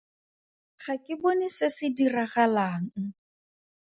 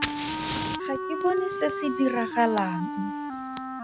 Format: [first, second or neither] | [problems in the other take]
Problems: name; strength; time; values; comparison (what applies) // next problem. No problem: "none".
first | background sound (Wind instrument, woodwind instrument + Fire); 3 dB below the speech